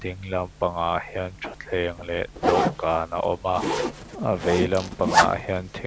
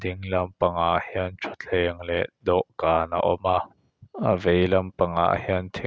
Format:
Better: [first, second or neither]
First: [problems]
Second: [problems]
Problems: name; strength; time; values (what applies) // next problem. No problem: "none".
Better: second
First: background sound (Zipper (clothing)); 2 dB below the speech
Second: none